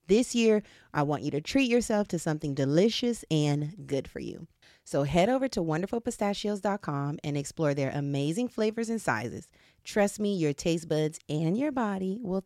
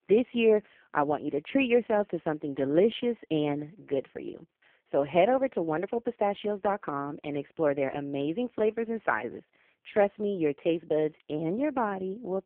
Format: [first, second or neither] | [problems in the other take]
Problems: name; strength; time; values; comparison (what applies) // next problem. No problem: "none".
first | phone-call audio; poor line; nothing above 3.5 kHz